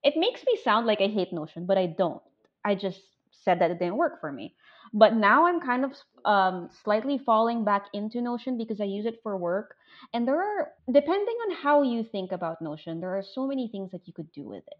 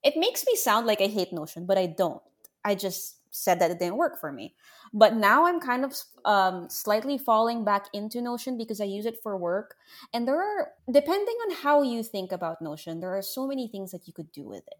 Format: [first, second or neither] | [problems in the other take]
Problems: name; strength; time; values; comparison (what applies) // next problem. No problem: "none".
second | muffled; slightly; fading above 3.5 kHz